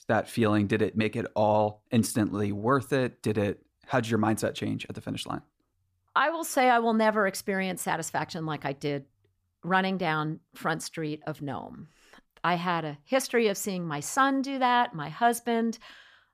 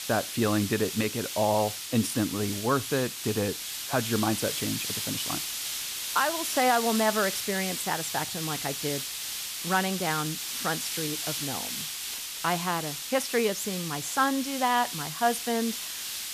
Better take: first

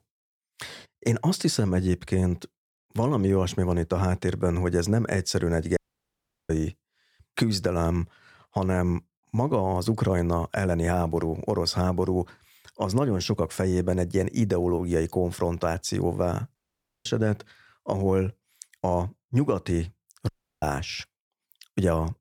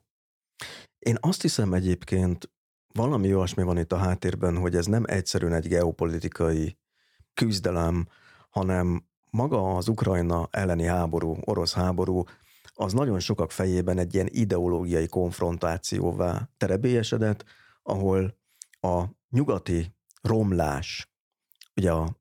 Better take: second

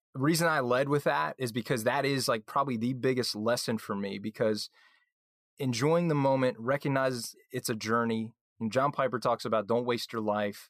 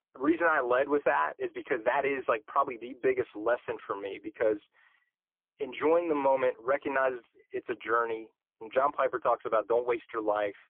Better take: first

